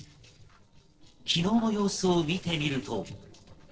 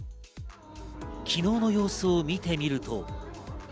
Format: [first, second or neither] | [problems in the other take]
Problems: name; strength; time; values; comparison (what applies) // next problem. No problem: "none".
second | noise reduction (neural separator model SepFormer DNS4)